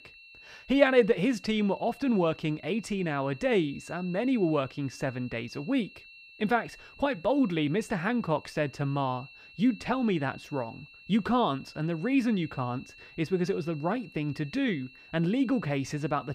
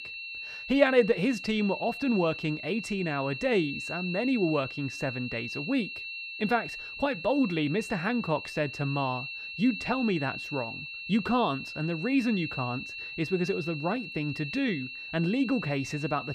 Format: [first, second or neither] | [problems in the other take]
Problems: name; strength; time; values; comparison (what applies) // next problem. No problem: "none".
first | high-pitched whine; loud; throughout; 2.5 kHz, 7 dB below the speech; faint in the first